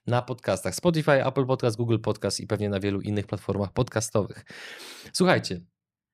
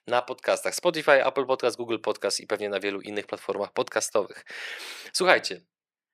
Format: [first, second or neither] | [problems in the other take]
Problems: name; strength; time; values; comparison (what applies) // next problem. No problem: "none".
first | thin; very; fading below 500 Hz